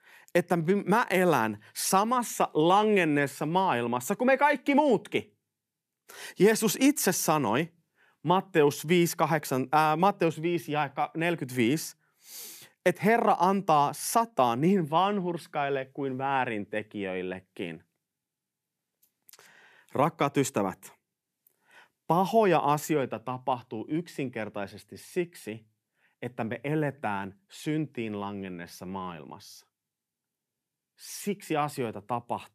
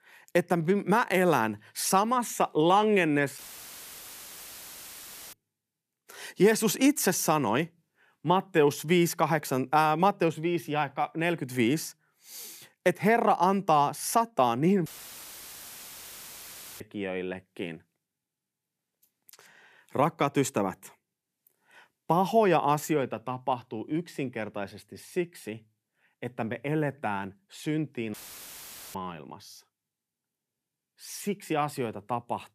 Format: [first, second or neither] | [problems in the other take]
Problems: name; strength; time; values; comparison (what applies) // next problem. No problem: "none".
first | audio cutting out; filled with static; at 3.5 s for 2 s, at 15 s for 2 s and at 28 s for 1 s